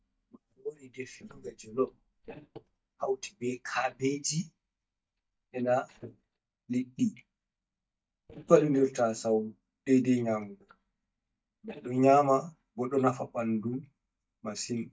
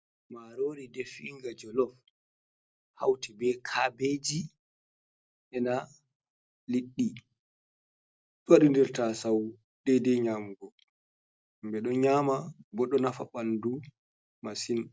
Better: second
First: noise reduction (neural mask model DeepFilterNet 3)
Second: none

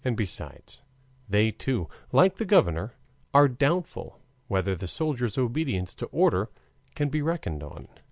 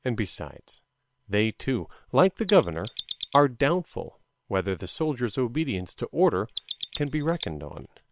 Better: first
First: none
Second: noise reduction (neural separator model SepFormer WHAM!)

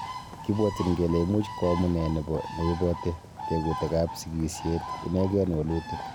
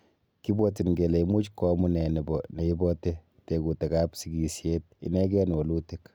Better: second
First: background sound (Bird); 10 dB below the speech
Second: none

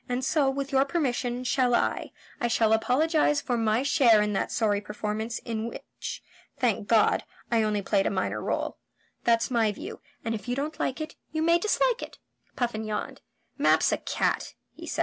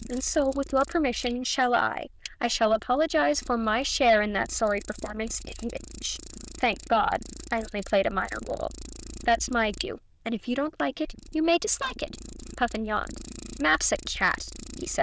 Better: first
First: none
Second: noise reduction (neural diffusion model UNIVERSE++)

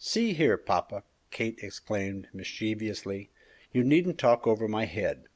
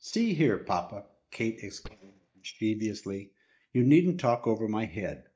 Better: first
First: none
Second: noise reduction (neural mask model DeepFilterNet 3)

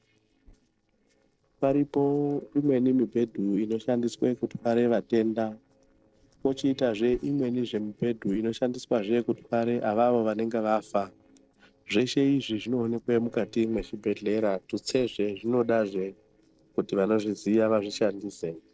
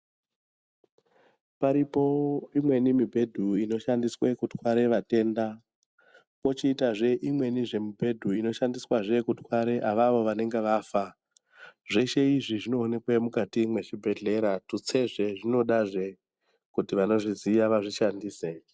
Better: second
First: noise reduction (neural separator model SepFormer DNS4)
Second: none

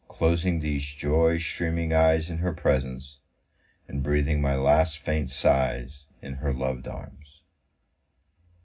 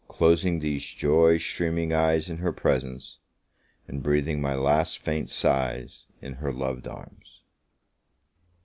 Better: second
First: room echo; dies away in 0.4 s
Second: none

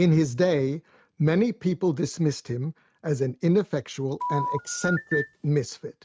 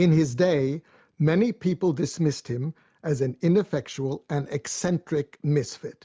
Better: second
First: noise reduction (neural mask model RNNoise)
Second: none

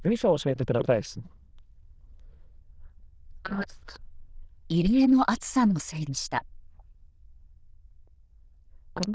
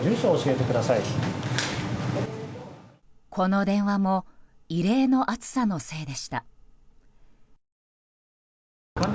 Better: second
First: noise reduction (neural diffusion model UNIVERSE++)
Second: none

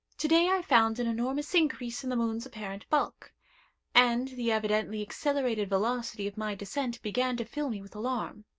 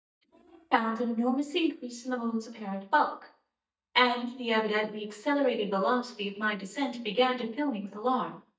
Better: first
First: none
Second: noise reduction (neural mask model DeepFilterNet 3)

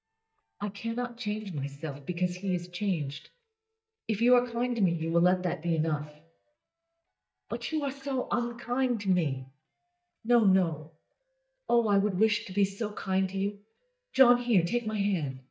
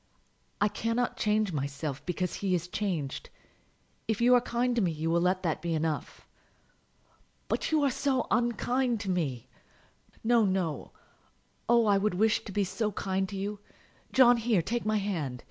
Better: second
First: noise reduction (neural mask model DeepFilterNet 3)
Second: none

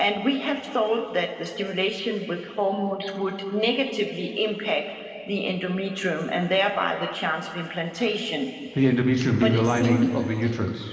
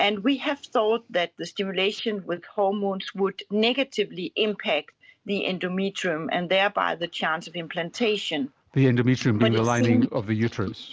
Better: second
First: room echo; dies away in 2.5 s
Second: none

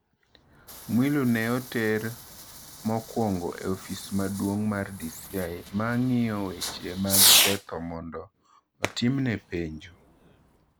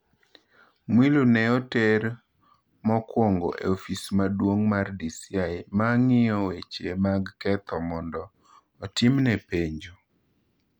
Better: second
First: background sound (Fireworks); 1 dB below the speech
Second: none

